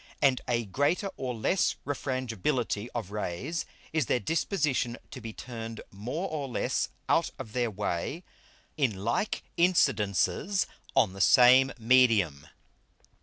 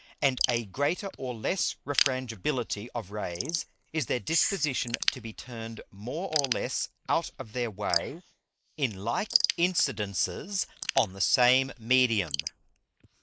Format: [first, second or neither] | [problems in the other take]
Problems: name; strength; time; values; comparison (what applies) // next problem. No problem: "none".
first | noise reduction (neural mask model Resemble Enhance denoiser)